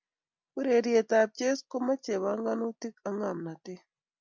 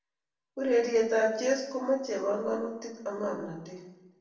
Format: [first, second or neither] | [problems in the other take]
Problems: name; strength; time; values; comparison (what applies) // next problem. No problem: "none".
first | room echo; dies away in 0.9 s